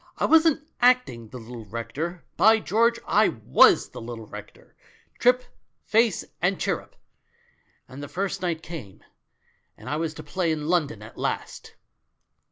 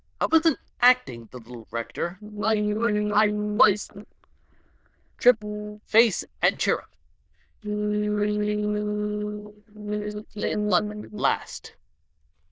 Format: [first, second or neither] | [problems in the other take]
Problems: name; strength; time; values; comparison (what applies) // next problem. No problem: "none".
first | noise reduction (neural diffusion model UNIVERSE++)